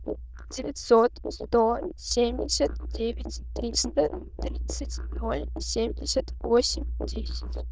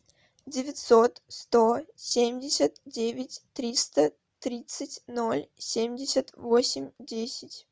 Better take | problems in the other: second | noise reduction (neural diffusion model UNIVERSE++)

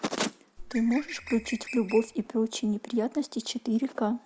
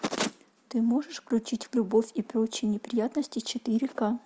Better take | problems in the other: second | background sound (Bird); 13 dB below the speech

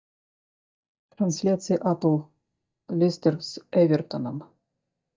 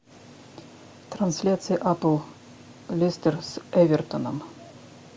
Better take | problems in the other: second | noise reduction (neural mask model DeepFilterNet 3)

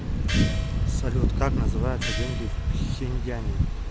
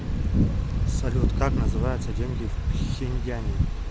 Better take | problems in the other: second | background sound (Gong); 14 dB below the speech

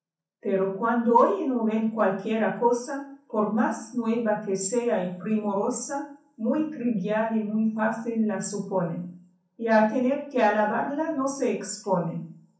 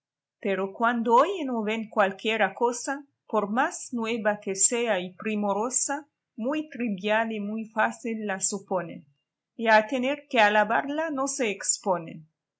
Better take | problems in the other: second | room echo; dies away in 0.6 s

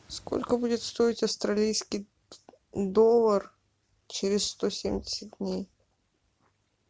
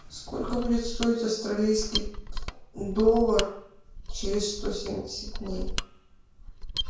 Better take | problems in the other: first | background sound (Mechanisms); 5 dB below the speech // room echo; dies away in 0.5 s

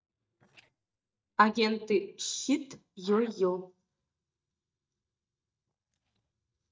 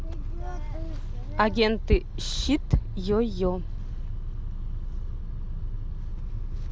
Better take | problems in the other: second | noise reduction (neural mask model DeepFilterNet 3)

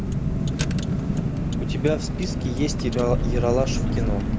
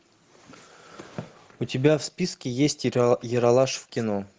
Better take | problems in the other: second | background sound (Car); 4 dB above the speech

